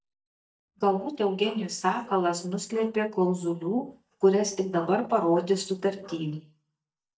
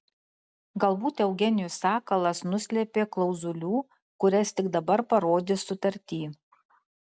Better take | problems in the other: second | noise reduction (neural mask model DeepFilterNet 3)

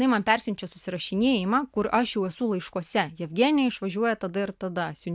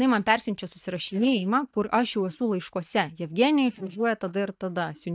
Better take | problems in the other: first | noise reduction (neural mask model DeepFilterNet 3)

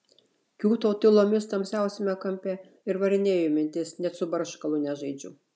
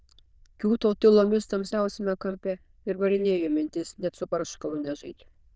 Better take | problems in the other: first | noise reduction (neural diffusion model UNIVERSE++)

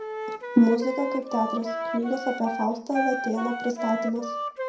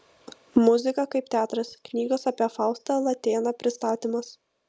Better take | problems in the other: second | background sound (Wind instrument, woodwind instrument); 6 dB below the speech // room echo; dies away in 0.5 s

